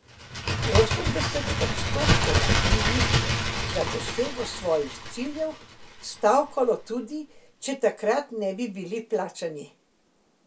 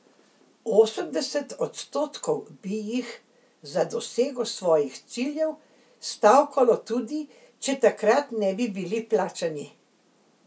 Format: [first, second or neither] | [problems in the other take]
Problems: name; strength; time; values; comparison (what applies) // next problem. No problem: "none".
second | background sound (Bird); 1 dB above the speech